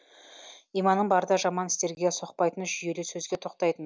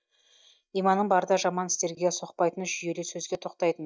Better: first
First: none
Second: noise reduction (neural mask model DeepFilterNet 3)

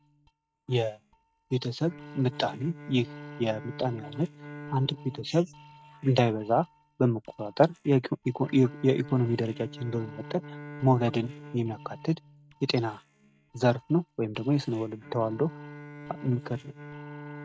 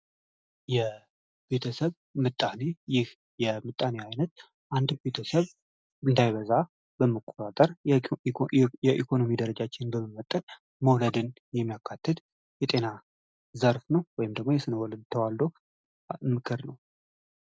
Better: second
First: noise reduction (neural mask model RNNoise)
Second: none

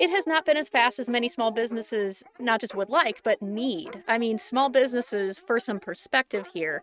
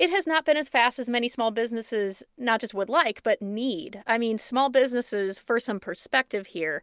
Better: second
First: noise reduction (neural mask model RNNoise)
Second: none

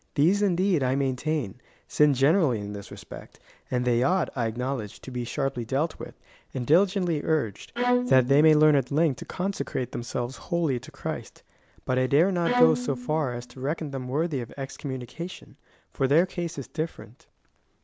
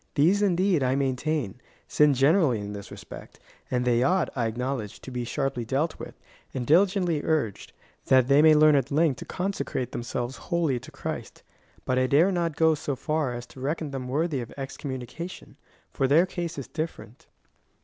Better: second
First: background sound (Bowed string instrument); 5 dB below the speech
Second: none

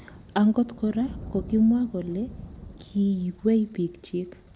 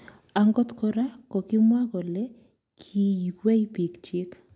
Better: second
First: background sound (Thunder); 17 dB below the speech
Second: none

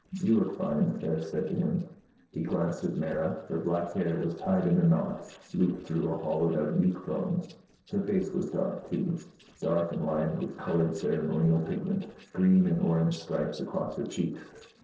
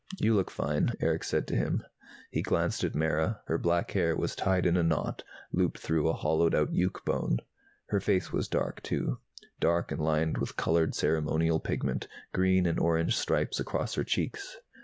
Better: second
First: noise reduction (neural separator model SepFormer DNS4)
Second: none

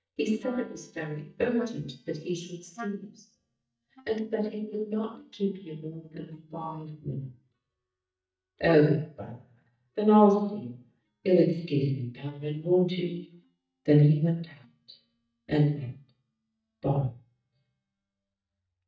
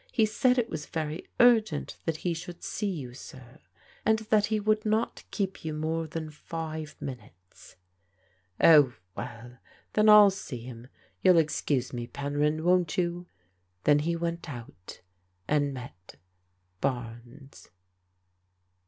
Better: second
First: noise reduction (neural mask model DeepFilterNet 3)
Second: none

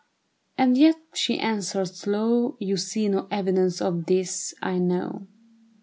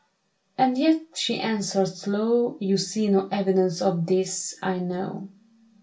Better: first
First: none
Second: room echo; dies away in 0.2 s

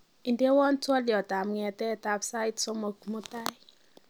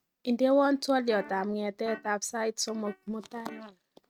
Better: first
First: none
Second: noise reduction (neural mask model RNNoise)

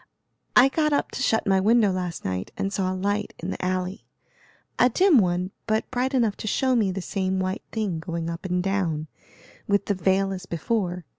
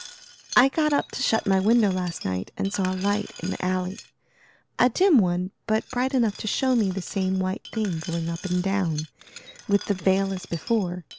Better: first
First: none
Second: background sound (Glass); 19 dB below the speech

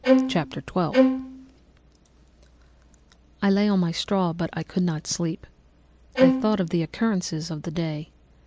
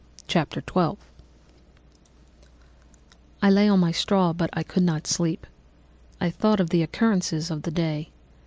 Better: second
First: background sound (Bowed string instrument); 4 dB above the speech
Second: none

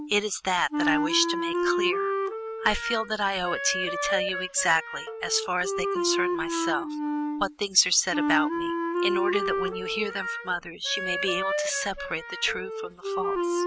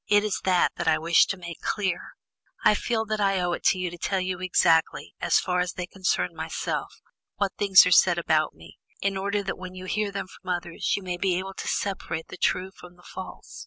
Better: second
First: background sound (Wind instrument, woodwind instrument); as loud as the speech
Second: none

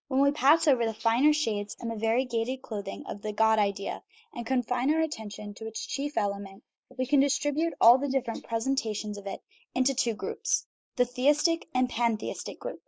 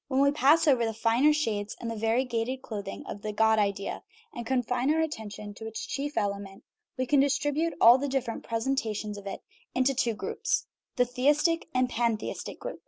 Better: second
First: noise reduction (neural mask model Resemble Enhance denoiser)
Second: none

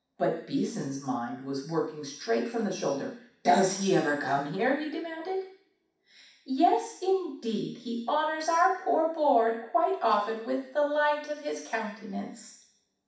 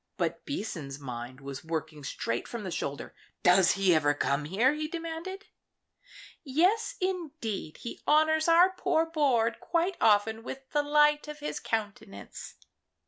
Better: second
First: room echo; dies away in 0.6 s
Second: none

